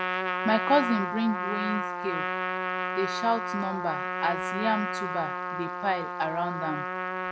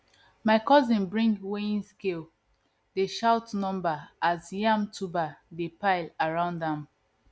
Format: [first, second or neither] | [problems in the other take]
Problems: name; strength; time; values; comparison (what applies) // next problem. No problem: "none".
second | background sound (Trumpet); 1 dB below the speech